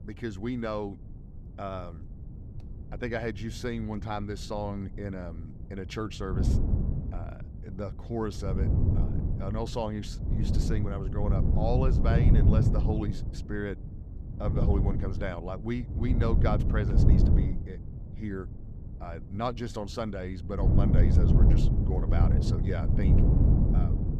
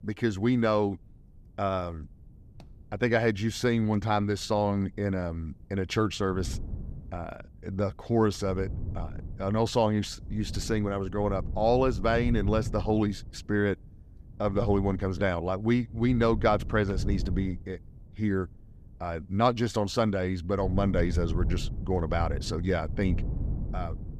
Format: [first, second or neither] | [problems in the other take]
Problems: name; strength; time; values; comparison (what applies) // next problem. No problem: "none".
second | wind noise on the microphone; heavy; 2 dB below the speech; occasional gusts in the second